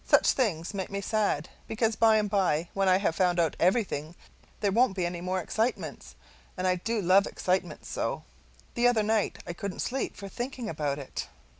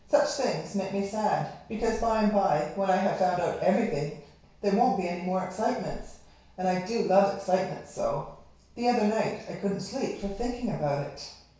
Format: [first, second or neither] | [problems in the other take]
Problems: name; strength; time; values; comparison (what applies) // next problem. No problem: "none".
first | background sound (Breathing); 20 dB below the speech // room echo; dies away in 0.6 s